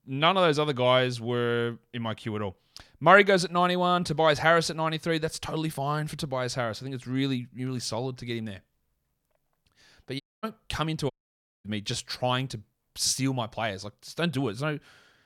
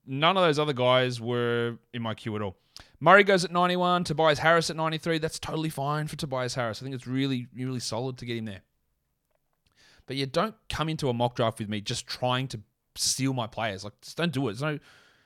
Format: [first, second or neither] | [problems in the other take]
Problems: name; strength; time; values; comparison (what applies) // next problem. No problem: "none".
second | audio cutting out; at 10 s and at 11 s for 0.5 s